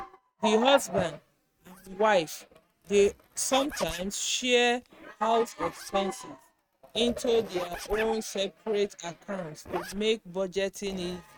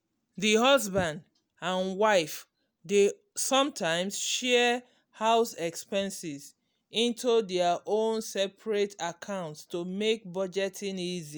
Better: second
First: noise reduction (neural mask model RNNoise)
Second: none

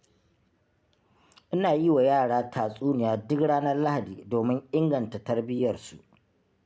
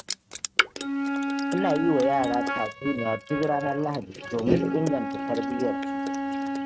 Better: first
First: none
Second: noise reduction (neural mask model RNNoise)

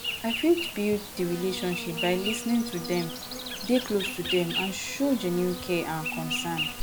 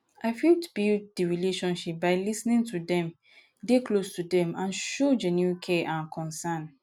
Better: second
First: background sound (Insect); 6 dB below the speech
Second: none

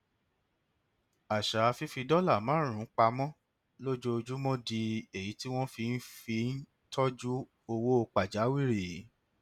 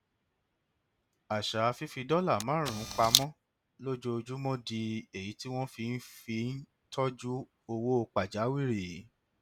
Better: first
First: none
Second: background sound (Camera); 3 dB above the speech

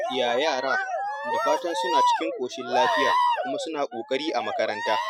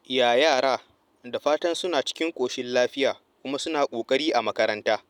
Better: second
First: noise reduction (classical method Wiener filter)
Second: none

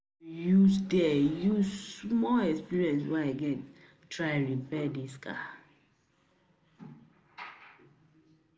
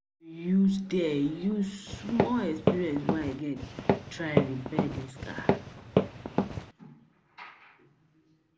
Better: first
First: none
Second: background sound (Walk, footsteps); 2 dB above the speech

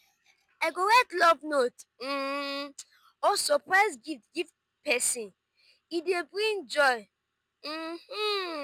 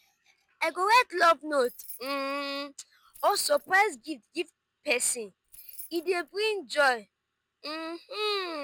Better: first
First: none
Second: background sound (Keys jangling); 19 dB below the speech

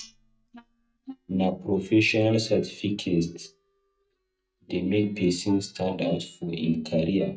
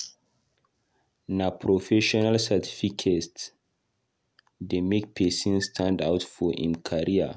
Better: second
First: noise reduction (neural mask model DeepFilterNet 3)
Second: none

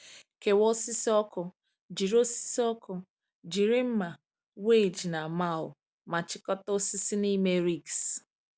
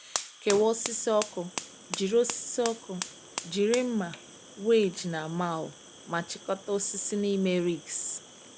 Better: first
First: none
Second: background sound (Fire); 12 dB below the speech

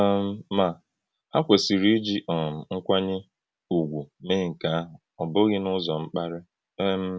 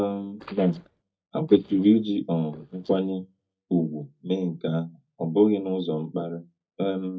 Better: first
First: none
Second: noise reduction (neural mask model DeepFilterNet 3)

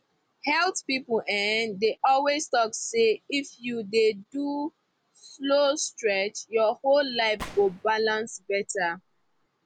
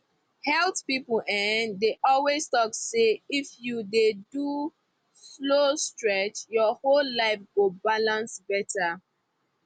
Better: second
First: background sound (Gunshot, gunfire); 19 dB below the speech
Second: none

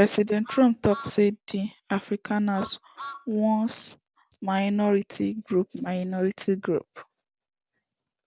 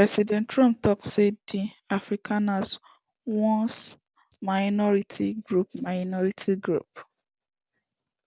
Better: second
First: background sound (Truck); 17 dB below the speech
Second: none

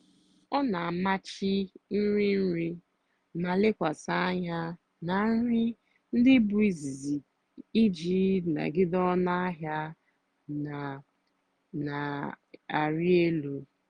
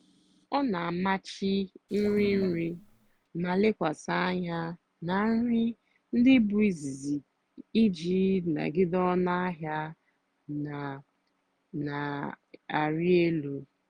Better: first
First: none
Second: background sound (Sink (filling or washing) / Water); 12 dB below the speech

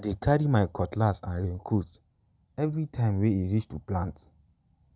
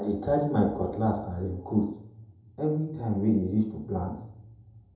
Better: first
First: none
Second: room echo; dies away in 2.6 s

